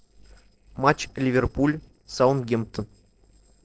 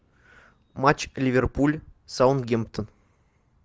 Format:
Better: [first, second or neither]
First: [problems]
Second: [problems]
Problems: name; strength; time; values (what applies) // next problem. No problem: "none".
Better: second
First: noise reduction (neural separator model SepFormer DNS4)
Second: none